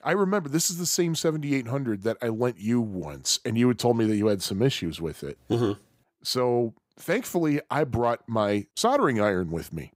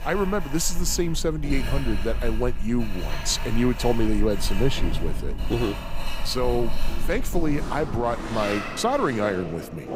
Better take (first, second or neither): first